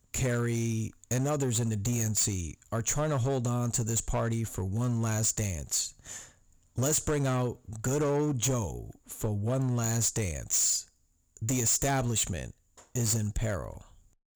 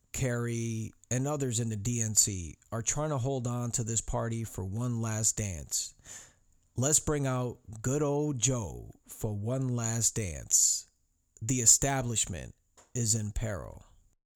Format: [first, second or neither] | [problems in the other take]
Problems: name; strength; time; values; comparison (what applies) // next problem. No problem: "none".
second | distortion; heavy; 11% of the sound clipped